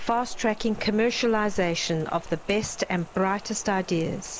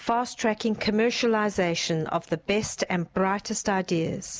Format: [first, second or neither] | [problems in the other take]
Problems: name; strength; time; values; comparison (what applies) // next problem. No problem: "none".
second | background sound (Rain); 13 dB below the speech